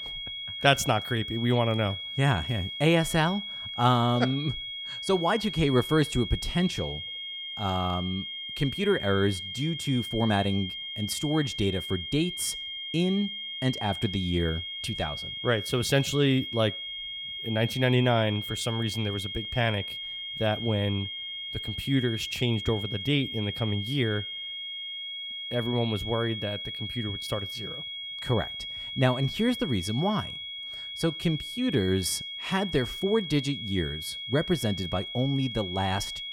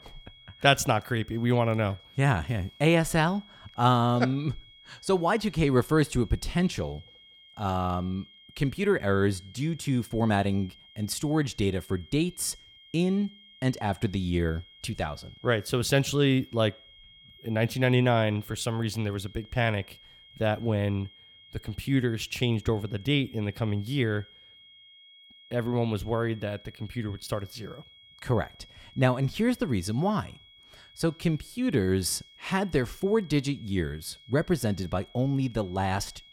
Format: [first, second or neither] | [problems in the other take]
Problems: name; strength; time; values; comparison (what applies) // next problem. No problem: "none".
second | high-pitched whine; loud; throughout; 3.5 kHz, 6 dB below the speech; faint in the second